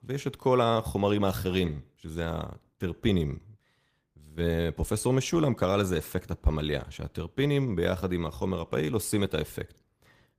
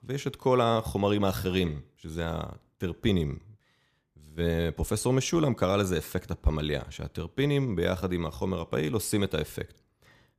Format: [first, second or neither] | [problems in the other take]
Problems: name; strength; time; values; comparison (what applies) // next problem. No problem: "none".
second | garbled, watery; slightly; nothing above 15 kHz